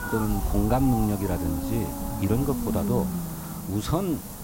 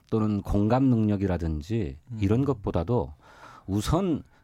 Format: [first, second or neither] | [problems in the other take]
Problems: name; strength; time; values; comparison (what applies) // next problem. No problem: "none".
second | hiss; loud; throughout; 4 dB below the speech